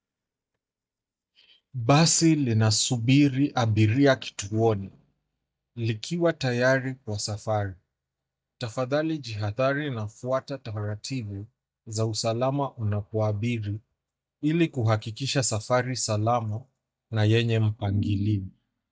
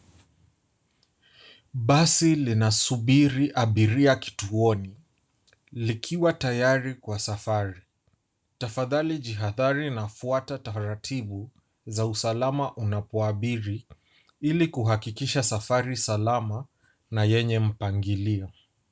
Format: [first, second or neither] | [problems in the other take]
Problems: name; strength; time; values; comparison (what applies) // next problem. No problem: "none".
second | noise reduction (neural mask model DeepFilterNet 3)